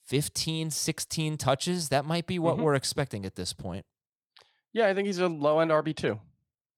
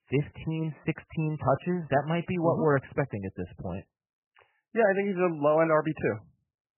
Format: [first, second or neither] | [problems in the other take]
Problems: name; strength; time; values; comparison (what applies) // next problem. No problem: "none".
first | garbled, watery; badly; nothing above 3 kHz